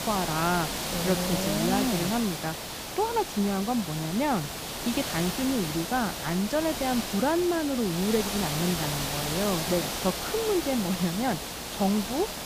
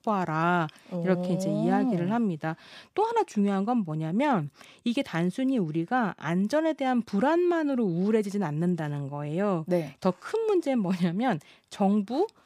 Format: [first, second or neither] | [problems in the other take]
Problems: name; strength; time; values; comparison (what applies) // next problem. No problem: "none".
second | hiss; loud; throughout; 3 dB below the speech